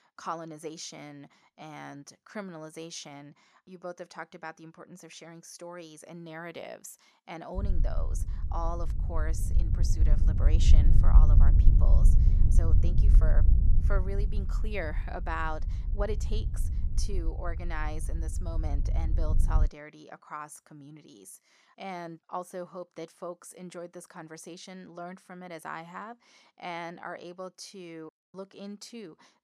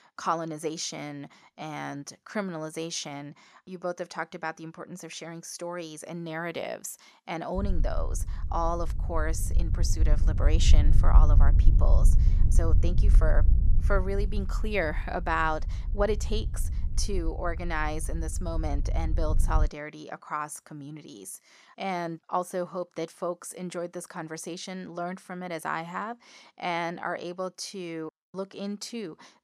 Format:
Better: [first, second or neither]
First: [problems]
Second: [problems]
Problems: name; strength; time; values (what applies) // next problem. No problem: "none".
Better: second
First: wind noise on the microphone; heavy; from 7.5 to 20 s; 6 dB below the speech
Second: wind noise on the microphone; occasional gusts; from 7.5 to 20 s; 15 dB below the speech